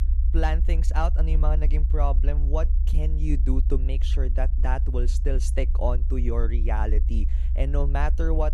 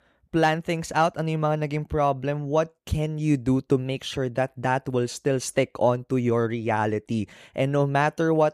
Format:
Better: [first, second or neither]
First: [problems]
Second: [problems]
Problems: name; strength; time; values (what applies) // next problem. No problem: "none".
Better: second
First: low rumble; noticeable; throughout; 15 dB below the speech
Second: none